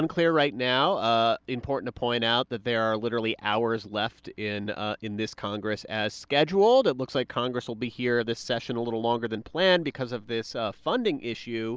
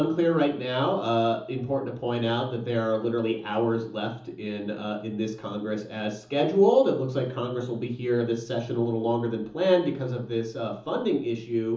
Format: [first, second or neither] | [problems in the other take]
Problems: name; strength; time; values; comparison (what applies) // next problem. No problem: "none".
first | room echo; dies away in 0.7 s